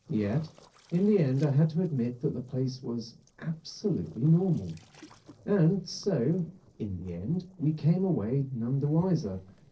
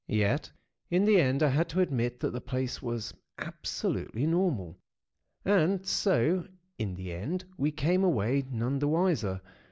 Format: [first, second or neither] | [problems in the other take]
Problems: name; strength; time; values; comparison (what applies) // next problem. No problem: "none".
second | noise reduction (neural separator model SepFormer DNS4)